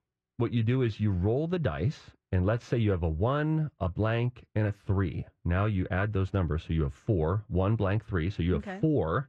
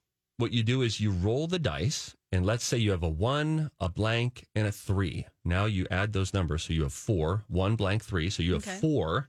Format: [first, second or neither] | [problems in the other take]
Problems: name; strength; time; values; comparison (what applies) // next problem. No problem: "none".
second | muffled; very; fading above 4 kHz